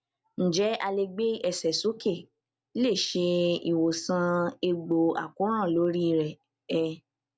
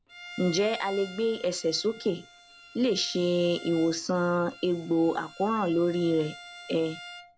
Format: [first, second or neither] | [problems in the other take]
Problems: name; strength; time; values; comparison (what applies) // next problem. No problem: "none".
first | background sound (Bowed string instrument); 18 dB below the speech